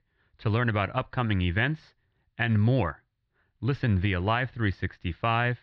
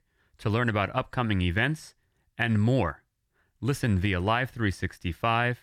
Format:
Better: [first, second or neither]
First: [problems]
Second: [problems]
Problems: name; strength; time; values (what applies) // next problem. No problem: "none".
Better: second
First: muffled; very slightly; fading above 4 kHz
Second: none